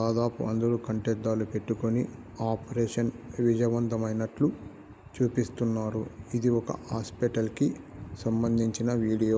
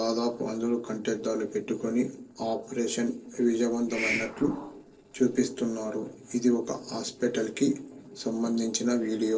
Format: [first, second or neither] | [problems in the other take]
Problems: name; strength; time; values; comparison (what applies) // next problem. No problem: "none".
first | noise reduction (neural separator model SepFormer DNS4)